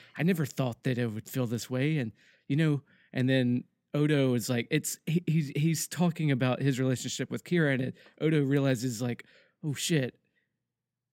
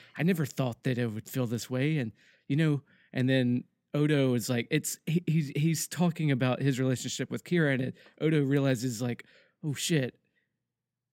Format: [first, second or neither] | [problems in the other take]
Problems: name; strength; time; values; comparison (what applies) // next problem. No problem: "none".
neither | none